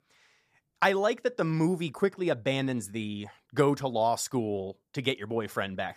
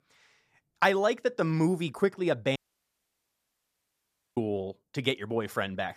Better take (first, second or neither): first